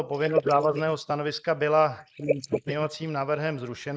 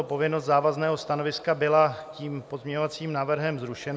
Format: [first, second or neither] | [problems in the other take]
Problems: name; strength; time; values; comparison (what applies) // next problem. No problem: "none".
second | noise reduction (neural mask model Resemble Enhance denoiser)